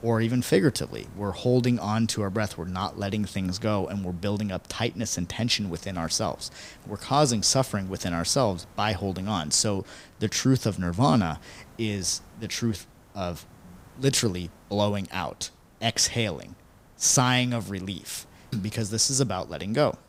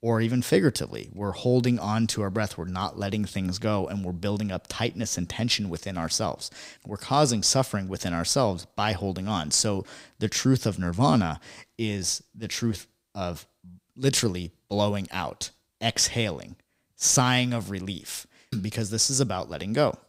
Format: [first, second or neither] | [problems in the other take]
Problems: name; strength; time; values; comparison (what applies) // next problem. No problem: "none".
second | hiss; faint; throughout; 25 dB below the speech